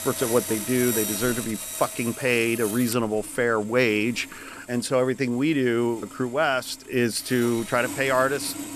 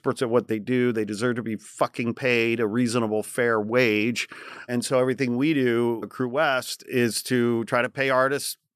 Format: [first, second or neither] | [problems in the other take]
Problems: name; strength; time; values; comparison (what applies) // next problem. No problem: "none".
second | machinery noise; loud; throughout; 7 dB below the speech